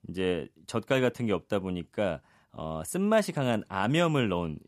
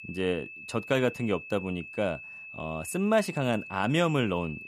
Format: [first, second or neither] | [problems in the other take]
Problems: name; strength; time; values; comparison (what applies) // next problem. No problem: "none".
first | high-pitched whine; noticeable; throughout; 2.5 kHz, 10 dB below the speech